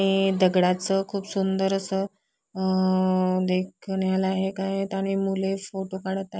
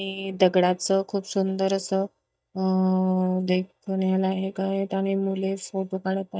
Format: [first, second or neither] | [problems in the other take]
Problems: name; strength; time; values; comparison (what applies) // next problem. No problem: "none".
first | noise reduction (neural mask model DeepFilterNet 3)